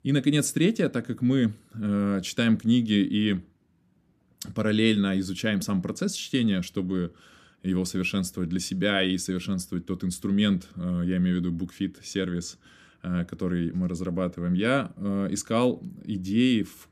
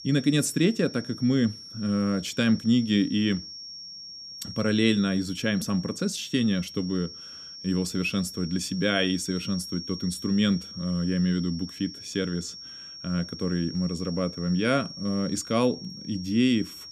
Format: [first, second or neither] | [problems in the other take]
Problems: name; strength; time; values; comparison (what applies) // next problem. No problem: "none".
first | high-pitched whine; noticeable; throughout; 5.5 kHz, 10 dB below the speech